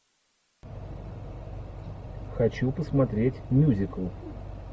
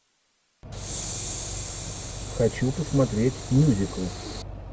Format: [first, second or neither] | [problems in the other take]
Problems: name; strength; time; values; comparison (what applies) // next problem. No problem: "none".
first | background sound (Train); 11 dB below the speech